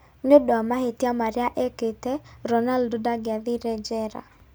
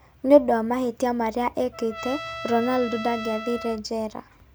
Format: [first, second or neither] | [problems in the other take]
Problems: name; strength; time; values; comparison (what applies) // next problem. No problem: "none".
first | background sound (Trumpet); 13 dB below the speech